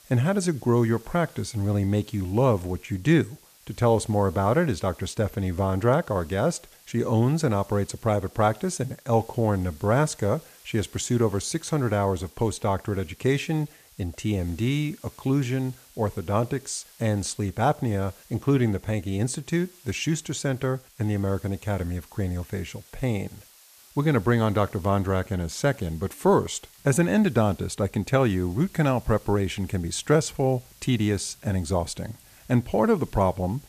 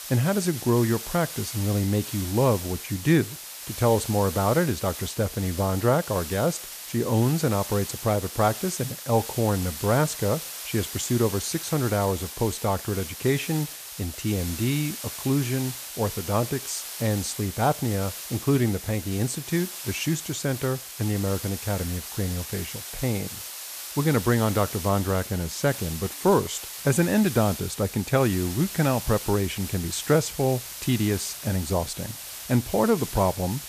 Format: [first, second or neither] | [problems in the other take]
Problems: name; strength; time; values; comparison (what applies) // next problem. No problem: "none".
first | hiss; loud; throughout; 8 dB below the speech; faint in the first